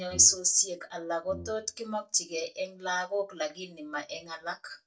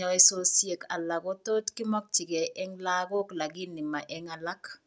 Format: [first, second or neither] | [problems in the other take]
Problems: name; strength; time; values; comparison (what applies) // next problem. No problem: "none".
second | noise reduction (neural mask model DeepFilterNet 3)